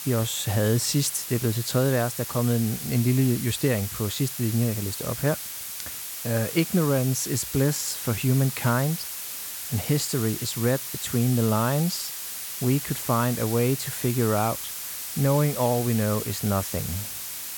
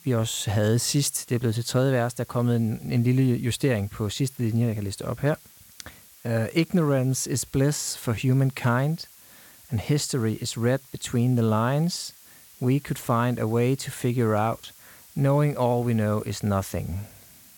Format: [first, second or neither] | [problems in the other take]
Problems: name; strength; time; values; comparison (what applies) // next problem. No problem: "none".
second | hiss; loud; throughout; 6 dB below the speech; faint in the second